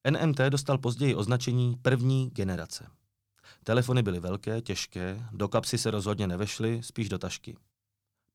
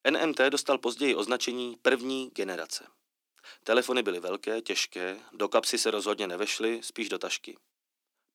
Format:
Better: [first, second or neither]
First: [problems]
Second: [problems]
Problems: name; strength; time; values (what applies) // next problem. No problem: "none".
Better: first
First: none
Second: thin; somewhat; fading below 250 Hz